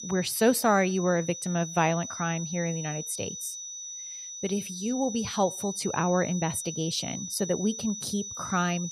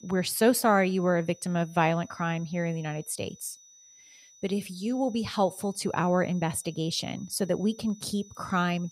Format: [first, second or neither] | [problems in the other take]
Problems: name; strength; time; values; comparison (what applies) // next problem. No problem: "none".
second | high-pitched whine; loud; throughout; 6 kHz, 8 dB below the speech; faint in the second